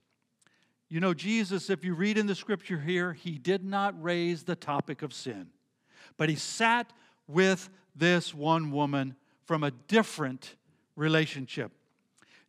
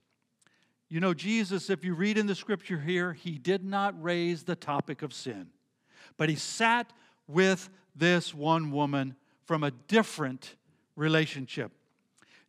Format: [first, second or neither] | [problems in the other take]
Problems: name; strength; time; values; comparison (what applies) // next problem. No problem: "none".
neither | none